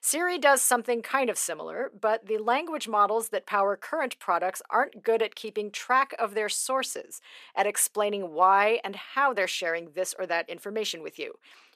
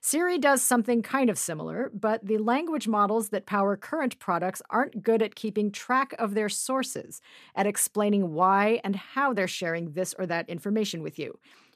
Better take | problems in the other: second | thin; somewhat; fading below 550 Hz

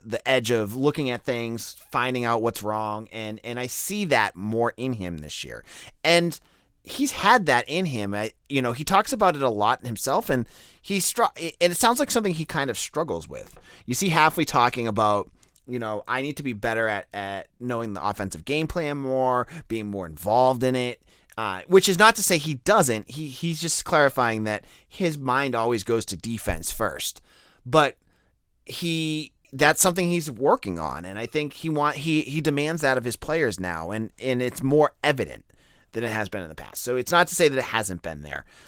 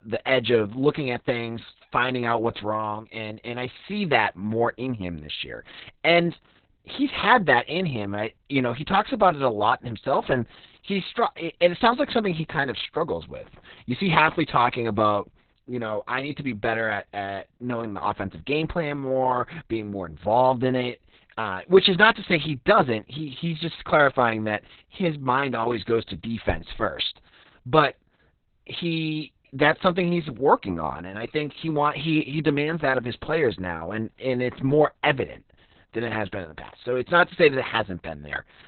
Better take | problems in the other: first | garbled, watery; badly; nothing above 4 kHz; slightly in the first

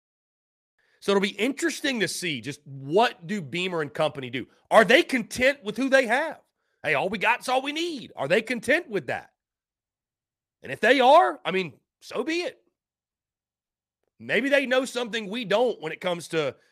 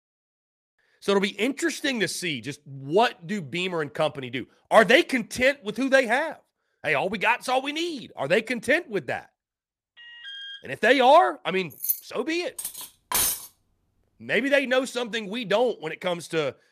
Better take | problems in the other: first | alarm; faint; at 10 s; peak 10 dB below the speech // jangling keys; noticeable; at 12 s; peak 3 dB below the speech // clattering dishes; loud; at 13 s; peak 1 dB above the speech

